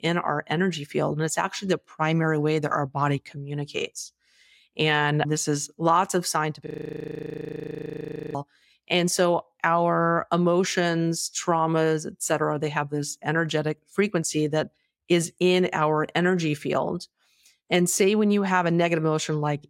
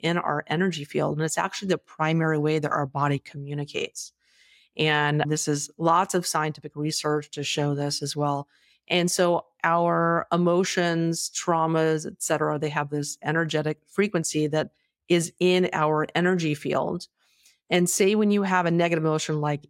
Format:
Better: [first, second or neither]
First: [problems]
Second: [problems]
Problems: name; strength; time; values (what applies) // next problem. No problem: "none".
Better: second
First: audio freezing; at 6.5 s for 1.5 s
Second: none